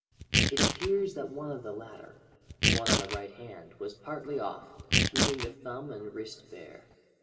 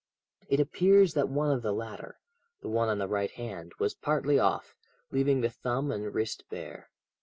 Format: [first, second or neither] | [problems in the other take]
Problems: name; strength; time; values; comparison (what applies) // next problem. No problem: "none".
second | background sound (Tearing); 5 dB above the speech // room echo; dies away in 2.1 s